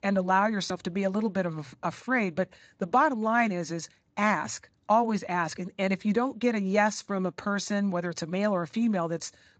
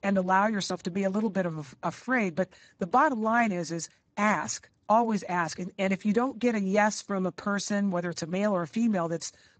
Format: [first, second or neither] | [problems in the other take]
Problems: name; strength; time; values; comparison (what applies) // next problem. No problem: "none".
first | garbled, watery; badly; nothing above 7.5 kHz; slightly in the first